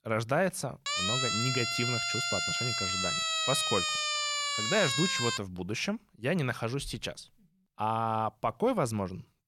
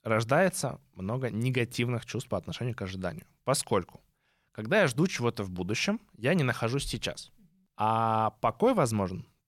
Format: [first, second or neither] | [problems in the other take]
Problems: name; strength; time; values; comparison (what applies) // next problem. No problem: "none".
second | siren; loud; from 1 to 5.5 s; peak 5 dB above the speech